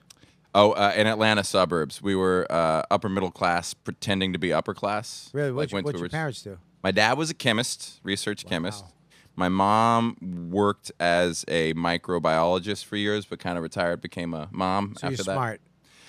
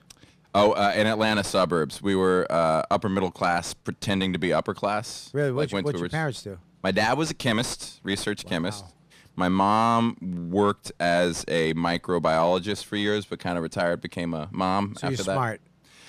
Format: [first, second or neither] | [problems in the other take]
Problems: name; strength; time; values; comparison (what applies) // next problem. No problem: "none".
first | distortion; slight; 10 dB below the speech